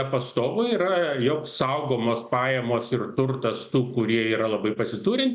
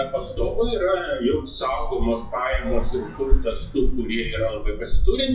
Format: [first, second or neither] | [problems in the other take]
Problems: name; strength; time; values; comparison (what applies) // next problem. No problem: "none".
first | noise reduction (classical method WPE with log-MMSE)